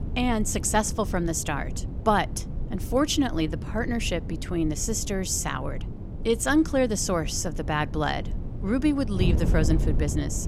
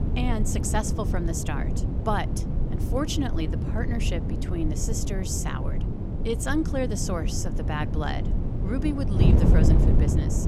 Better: first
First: wind noise on the microphone; occasional gusts; 15 dB below the speech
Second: wind noise on the microphone; heavy; 4 dB below the speech

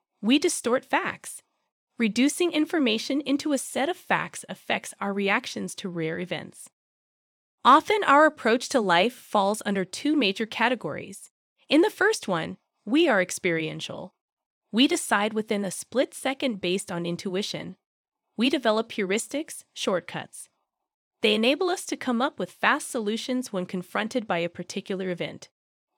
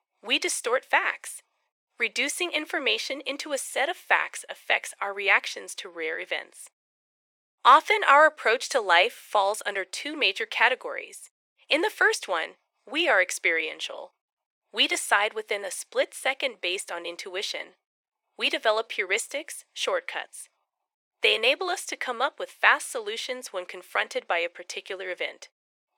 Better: first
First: none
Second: thin; very; fading below 450 Hz

